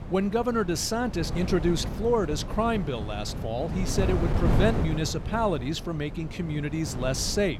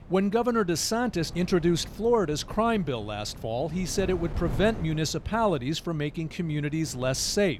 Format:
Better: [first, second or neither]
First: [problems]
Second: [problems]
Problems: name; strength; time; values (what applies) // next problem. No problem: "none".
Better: second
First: wind noise on the microphone; heavy; 9 dB below the speech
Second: wind noise on the microphone; occasional gusts; 20 dB below the speech